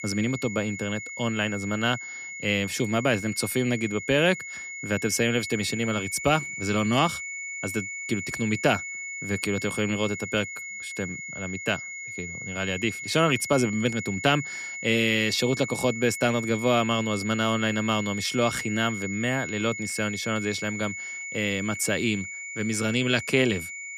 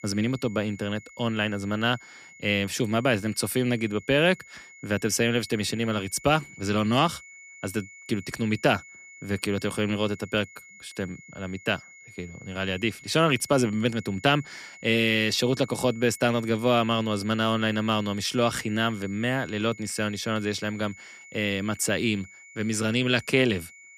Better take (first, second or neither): second